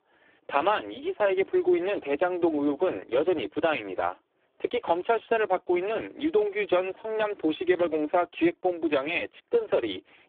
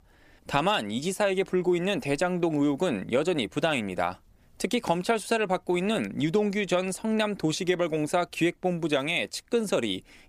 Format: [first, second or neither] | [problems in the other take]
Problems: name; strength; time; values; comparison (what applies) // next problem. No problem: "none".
second | phone-call audio; poor line